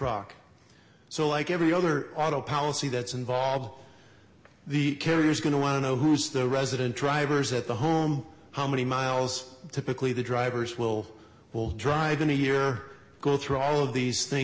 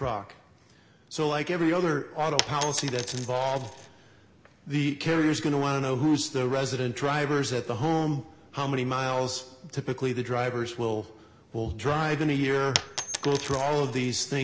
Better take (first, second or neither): first